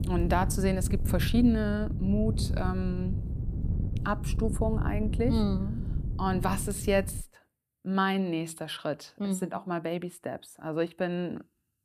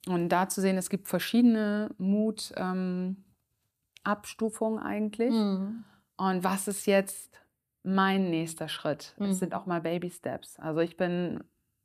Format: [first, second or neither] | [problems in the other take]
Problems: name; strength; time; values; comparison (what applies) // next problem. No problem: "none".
second | wind noise on the microphone; occasional gusts; until 7 s; 10 dB below the speech